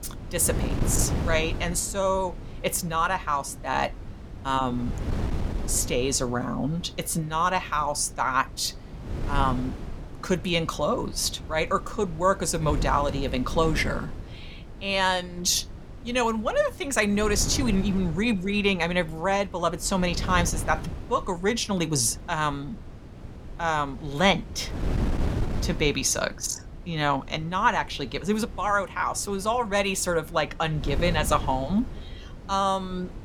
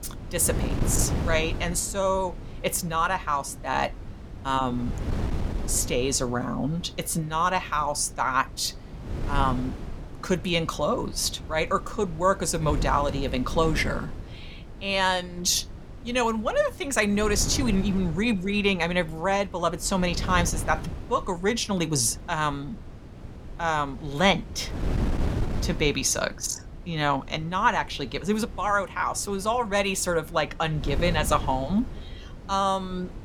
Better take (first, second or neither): neither